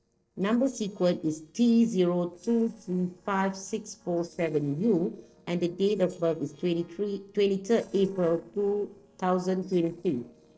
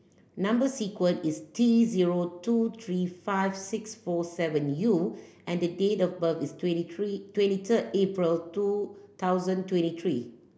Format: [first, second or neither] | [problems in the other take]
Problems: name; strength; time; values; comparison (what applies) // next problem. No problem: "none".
second | noise reduction (neural separator model SepFormer DNS4)